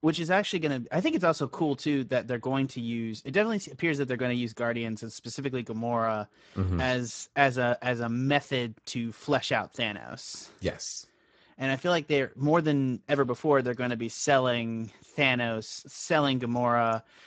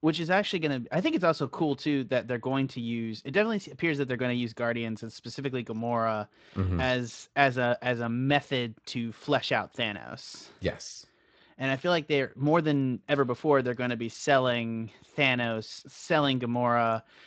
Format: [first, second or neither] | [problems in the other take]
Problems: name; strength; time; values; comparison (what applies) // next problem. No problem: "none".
second | garbled, watery; badly; nothing above 7.5 kHz; slightly in the second